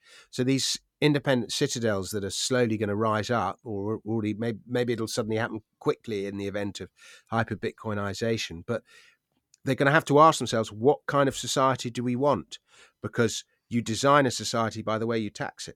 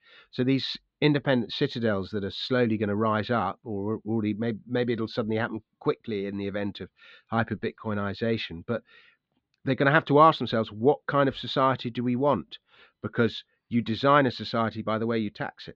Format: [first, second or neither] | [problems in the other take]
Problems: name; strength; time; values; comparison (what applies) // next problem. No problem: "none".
first | muffled; slightly; fading above 4 kHz